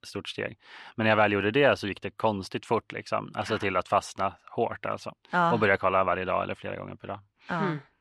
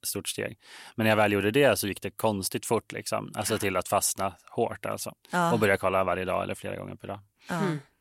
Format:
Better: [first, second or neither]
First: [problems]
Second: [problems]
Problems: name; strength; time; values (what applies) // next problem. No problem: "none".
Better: second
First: muffled; slightly; fading above 3.5 kHz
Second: none